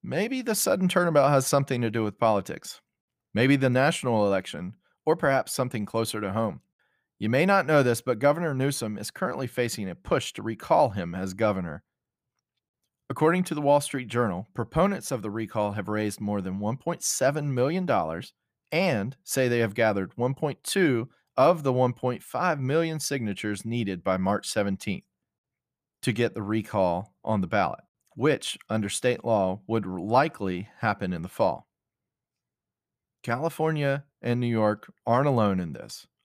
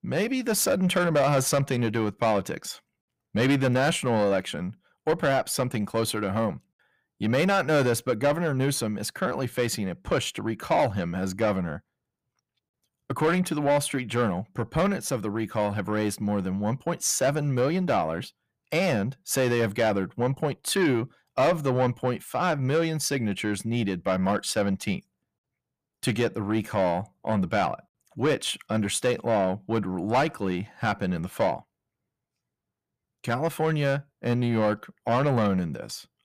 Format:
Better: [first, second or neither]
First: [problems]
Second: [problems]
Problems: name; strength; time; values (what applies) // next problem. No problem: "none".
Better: first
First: none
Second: distortion; slight; 10 dB below the speech